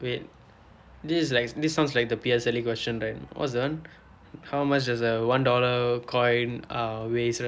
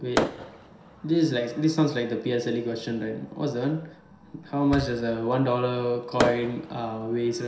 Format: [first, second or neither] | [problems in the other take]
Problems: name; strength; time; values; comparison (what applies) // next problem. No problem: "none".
first | background sound (Fireworks); 9 dB below the speech // room echo; dies away in 0.7 s